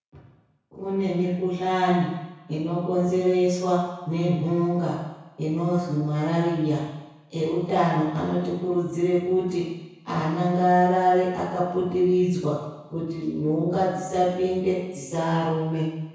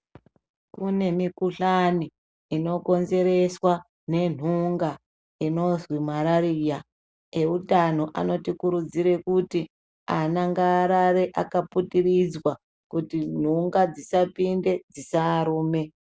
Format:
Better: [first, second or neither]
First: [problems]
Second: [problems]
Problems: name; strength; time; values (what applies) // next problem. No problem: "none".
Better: second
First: room echo; dies away in 1 s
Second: none